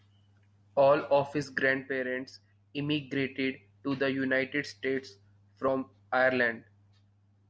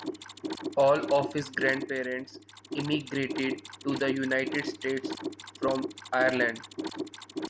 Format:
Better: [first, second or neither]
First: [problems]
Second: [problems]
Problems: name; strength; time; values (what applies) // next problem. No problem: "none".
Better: first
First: none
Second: background sound (Mechanisms); 7 dB below the speech